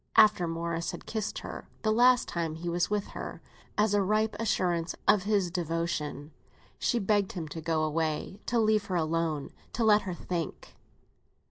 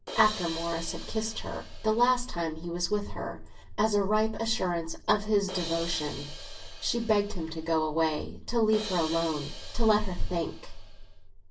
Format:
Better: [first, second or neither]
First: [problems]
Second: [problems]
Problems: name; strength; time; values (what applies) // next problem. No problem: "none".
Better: first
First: none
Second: background sound (Crash cymbal); 14 dB below the speech // room echo; dies away in 0.3 s